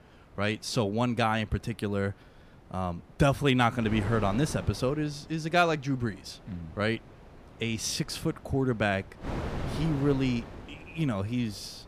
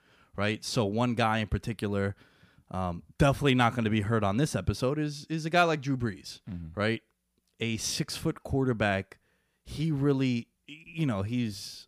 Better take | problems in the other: second | wind noise on the microphone; occasional gusts; 15 dB below the speech

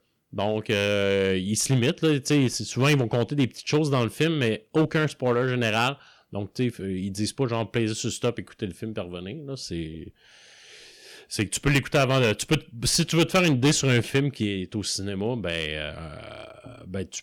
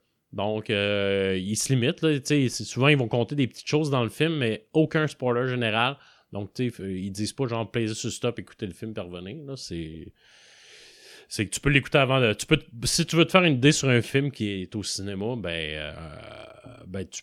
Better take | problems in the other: second | distortion; slight; 3% of the sound clipped

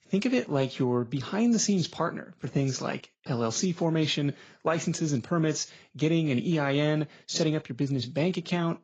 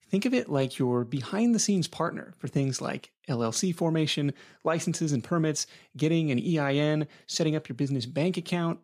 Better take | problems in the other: second | garbled, watery; badly

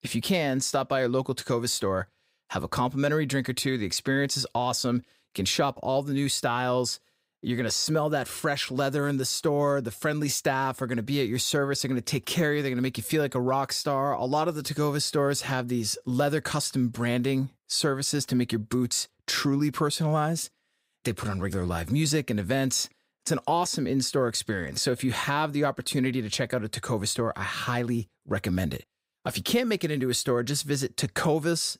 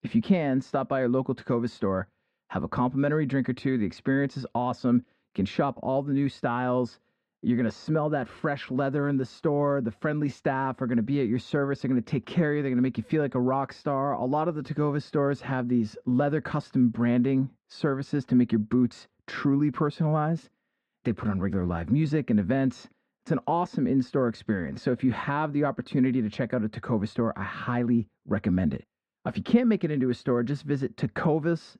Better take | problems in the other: first | muffled; very; fading above 2 kHz

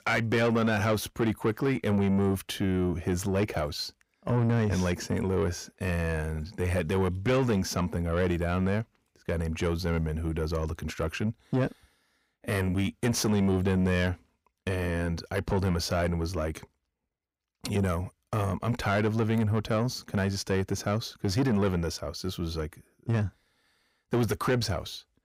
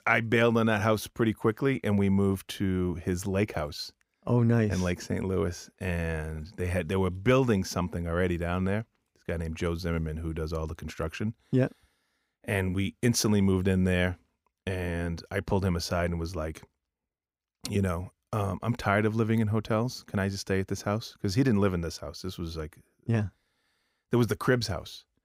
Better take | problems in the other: second | distortion; slight; 10 dB below the speech

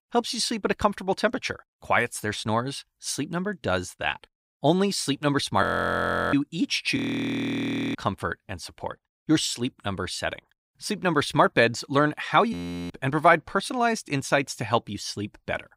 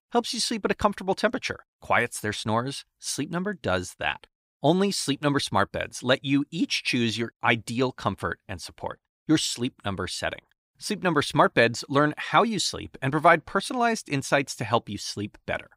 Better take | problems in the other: second | audio freezing; at 5.5 s for 0.5 s, at 7 s for 1 s and at 13 s

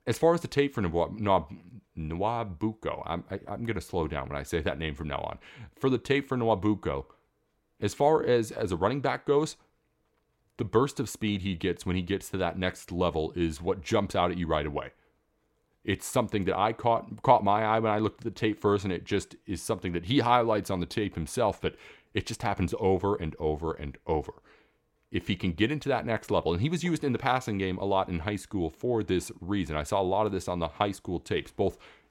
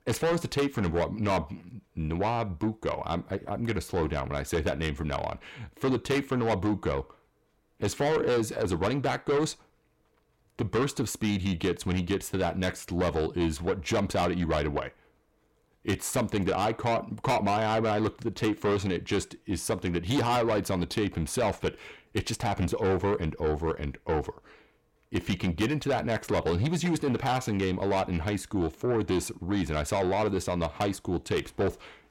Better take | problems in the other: first | distortion; heavy; 7 dB below the speech

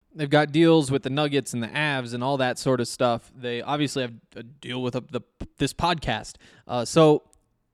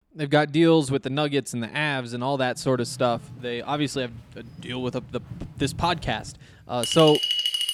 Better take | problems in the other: first | household noises; loud; from 3 s on; 4 dB below the speech

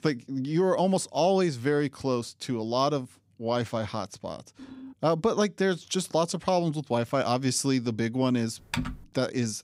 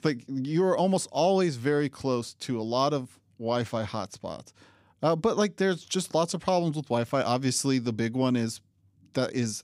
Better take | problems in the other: second | phone ringing; faint; at 4.5 s; peak 15 dB below the speech // keyboard typing; noticeable; at 8.5 s; peak 6 dB below the speech

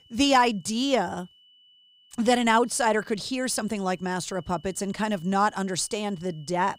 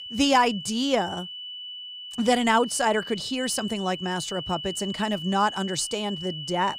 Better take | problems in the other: first | high-pitched whine; loud; throughout; 3 kHz, 10 dB below the speech; faint in the first

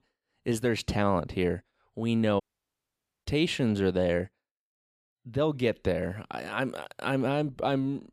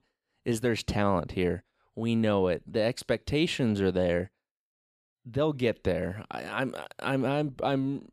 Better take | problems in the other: second | audio cutting out; at 2.5 s for 1 s

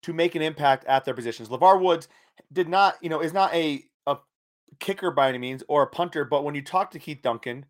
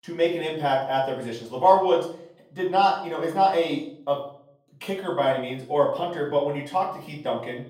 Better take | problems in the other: first | off-mic speech; far // room echo; slight; dies away in 0.5 s

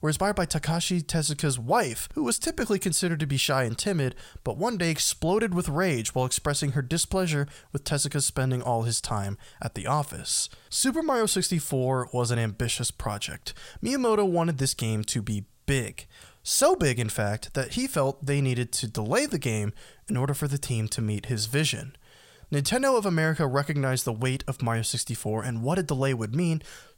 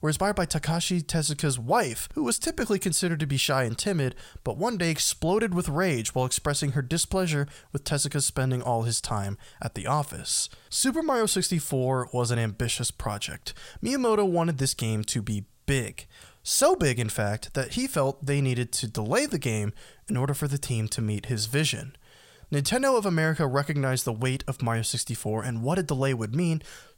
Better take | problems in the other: neither | none

